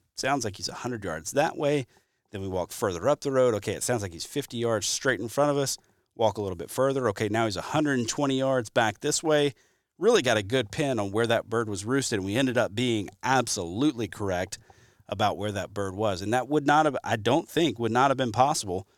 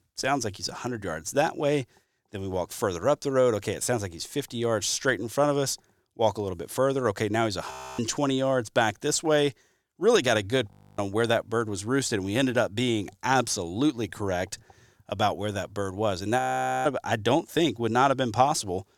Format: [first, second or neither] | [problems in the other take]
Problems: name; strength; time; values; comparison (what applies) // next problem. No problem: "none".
first | audio freezing; at 7.5 s, at 11 s and at 16 s